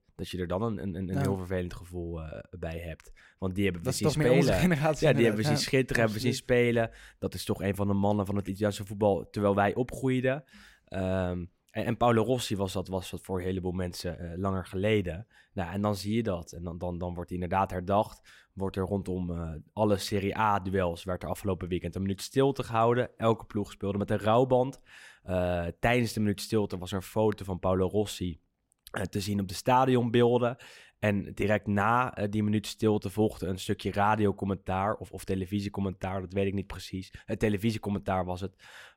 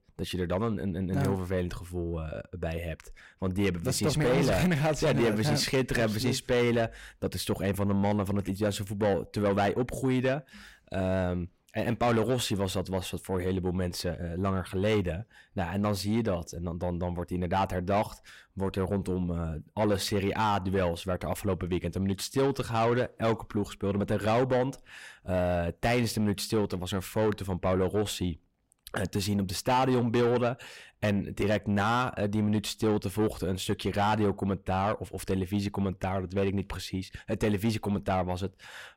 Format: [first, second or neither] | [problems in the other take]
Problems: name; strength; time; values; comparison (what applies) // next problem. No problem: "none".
first | distortion; slight; 10 dB below the speech